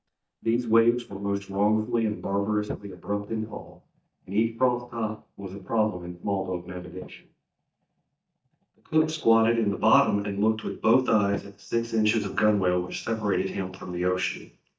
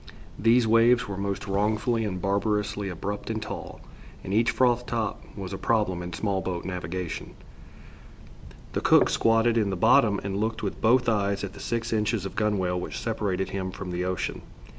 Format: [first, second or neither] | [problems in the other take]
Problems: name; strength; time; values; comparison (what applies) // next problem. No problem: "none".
second | noise reduction (neural mask model DeepFilterNet 3)